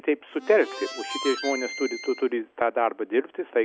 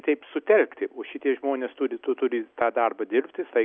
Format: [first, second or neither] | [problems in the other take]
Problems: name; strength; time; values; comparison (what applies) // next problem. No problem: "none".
second | background sound (Harmonica); 10 dB below the speech